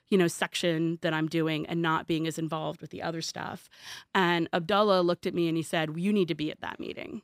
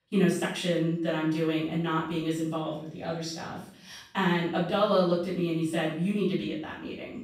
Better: first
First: none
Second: off-mic speech; far // room echo; noticeable; dies away in 0.5 s

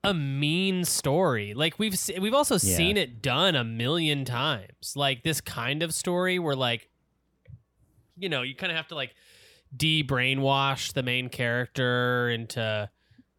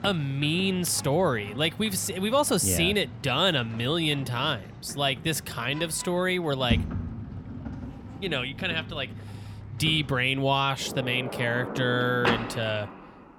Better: first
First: none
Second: household noises; noticeable; throughout; 10 dB below the speech

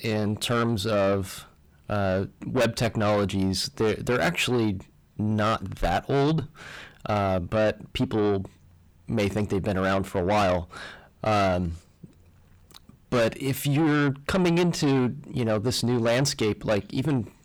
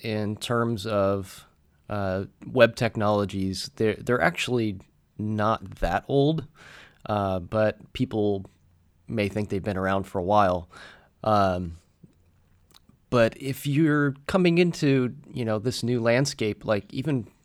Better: second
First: distortion; heavy; 7 dB below the speech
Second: none

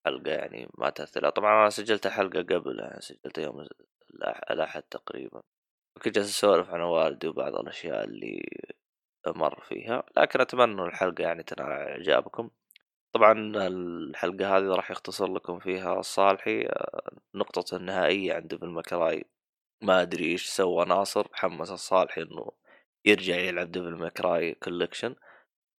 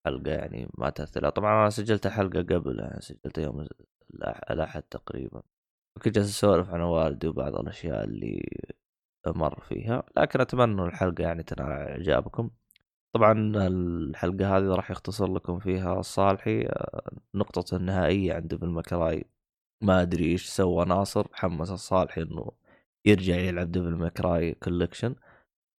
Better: second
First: thin; somewhat; fading below 400 Hz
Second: none

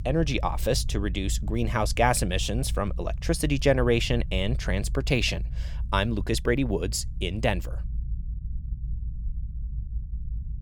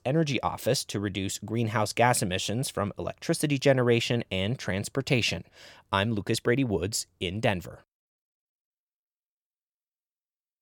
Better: second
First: low rumble; faint; throughout; 25 dB below the speech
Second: none

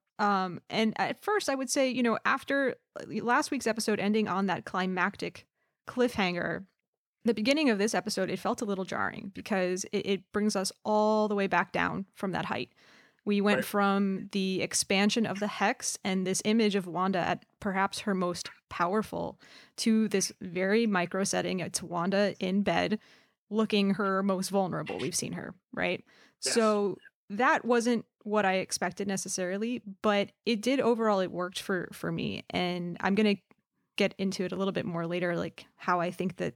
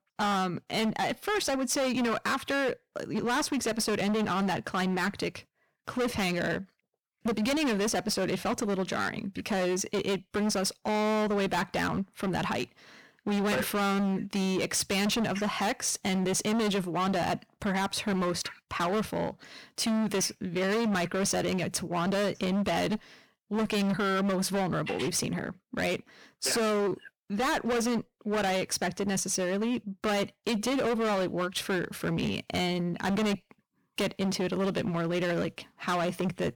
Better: first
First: none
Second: distortion; heavy; 24% of the sound clipped

